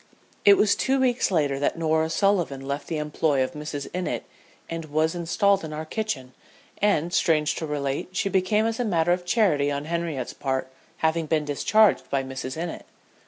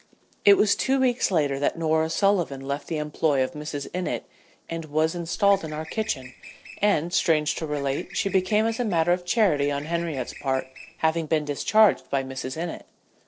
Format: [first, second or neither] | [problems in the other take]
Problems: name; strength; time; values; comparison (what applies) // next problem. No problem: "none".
first | noise reduction (neural separator model SepFormer DNS4)